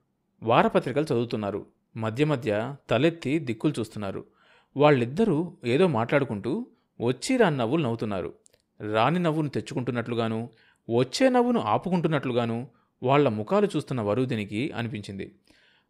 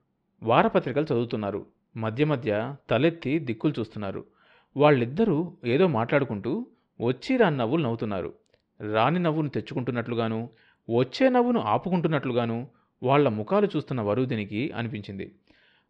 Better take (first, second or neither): first